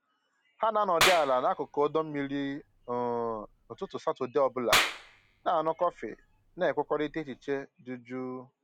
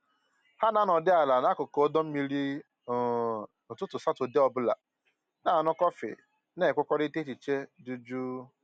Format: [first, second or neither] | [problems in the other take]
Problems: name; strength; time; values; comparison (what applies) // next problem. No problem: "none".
second | background sound (Clapping); 4 dB below the speech